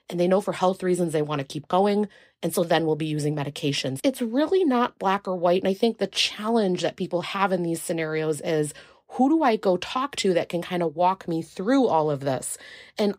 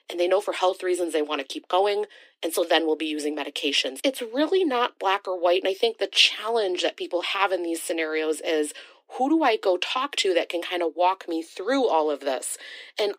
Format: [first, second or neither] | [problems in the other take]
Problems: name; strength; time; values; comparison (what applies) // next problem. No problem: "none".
first | thin; somewhat; fading below 300 Hz